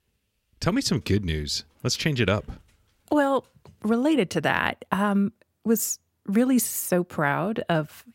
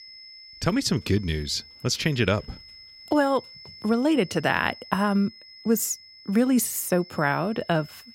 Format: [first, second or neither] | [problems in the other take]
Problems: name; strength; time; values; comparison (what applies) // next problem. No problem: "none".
first | high-pitched whine; noticeable; throughout; 5 kHz, 20 dB below the speech